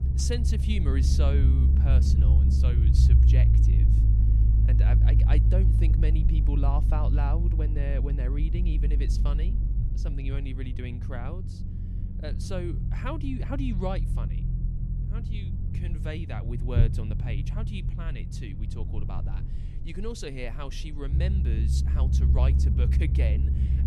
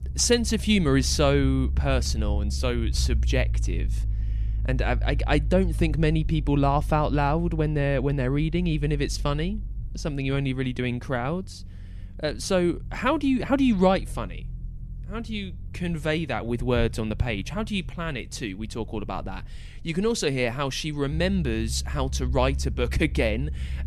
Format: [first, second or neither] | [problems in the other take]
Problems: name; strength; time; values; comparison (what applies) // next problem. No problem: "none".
second | low rumble; loud; throughout; 2 dB below the speech; faint in the second